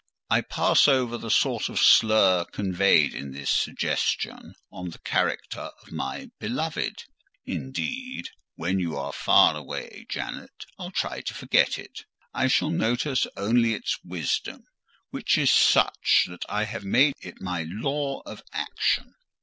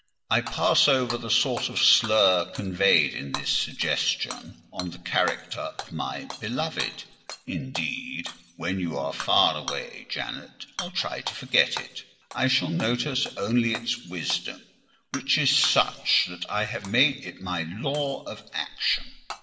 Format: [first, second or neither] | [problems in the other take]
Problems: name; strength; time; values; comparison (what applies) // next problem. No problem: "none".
first | background sound (Shatter / Hammer); 15 dB below the speech // room echo; dies away in 1 s